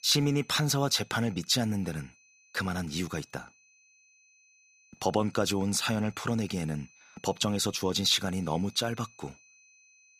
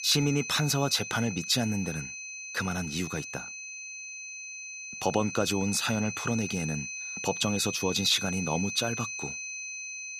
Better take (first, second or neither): first